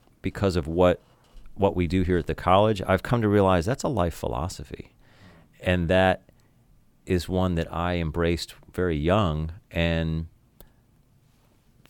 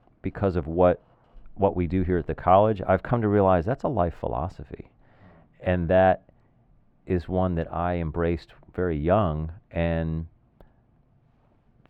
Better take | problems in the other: first | muffled; very; fading above 4 kHz

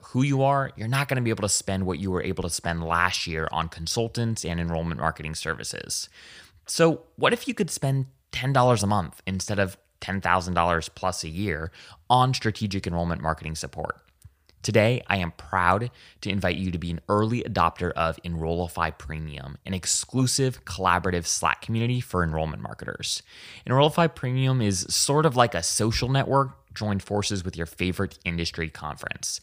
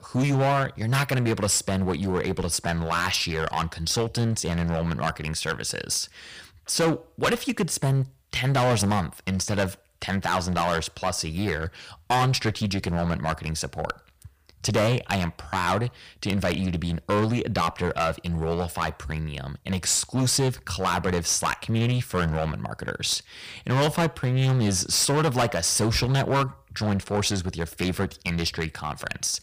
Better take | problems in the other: first | distortion; heavy; 11% of the sound clipped

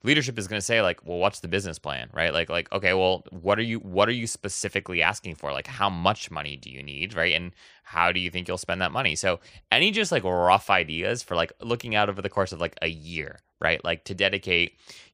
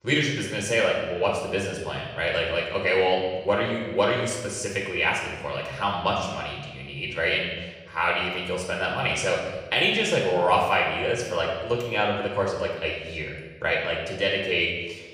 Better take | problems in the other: first | room echo; noticeable; dies away in 1.1 s // off-mic speech; far

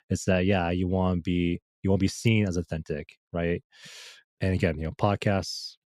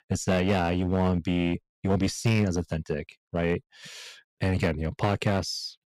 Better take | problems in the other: first | distortion; slight; 6% of the sound clipped

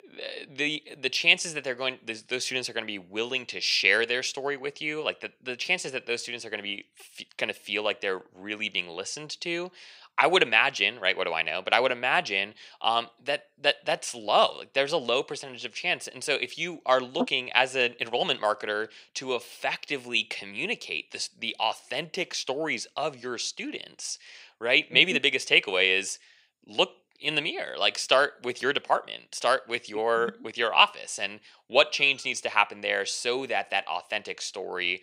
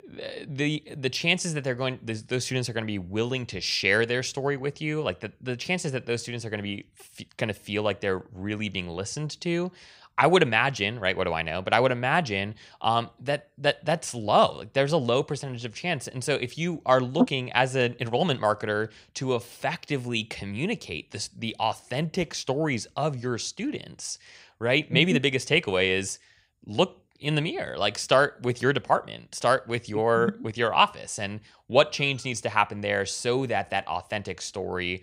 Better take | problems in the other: second | thin; somewhat; fading below 350 Hz

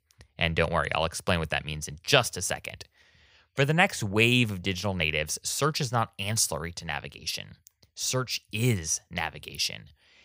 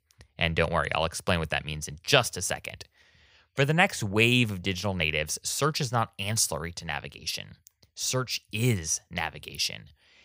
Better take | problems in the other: neither | none

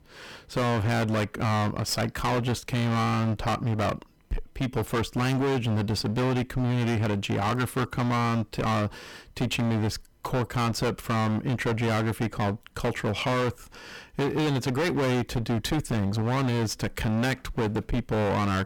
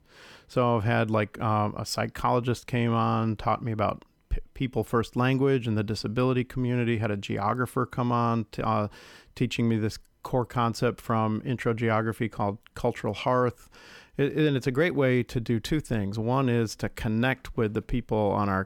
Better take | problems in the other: second | distortion; heavy; 31% of the sound clipped

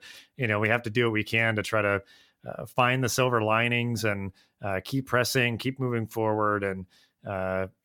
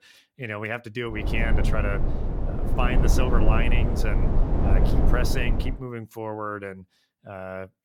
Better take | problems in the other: first | low rumble; loud; from 1 to 5.5 s; 3 dB below the speech

